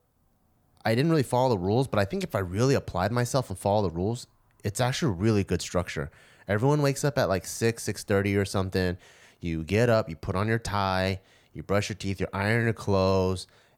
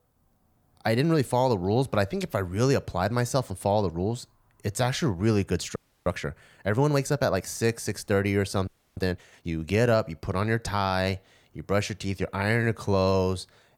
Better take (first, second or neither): first